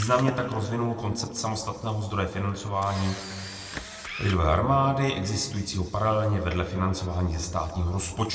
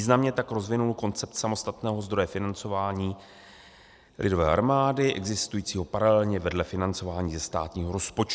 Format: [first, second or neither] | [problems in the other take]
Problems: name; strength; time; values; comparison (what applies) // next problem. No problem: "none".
second | background sound (Camera); 17 dB below the speech // room echo; dies away in 1.8 s